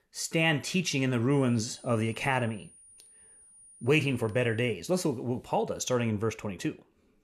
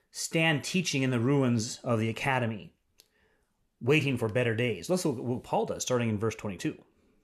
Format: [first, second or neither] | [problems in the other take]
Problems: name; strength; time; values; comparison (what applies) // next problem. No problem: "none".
second | high-pitched whine; faint; from 1.5 to 4.5 s; 9.5 kHz, 25 dB below the speech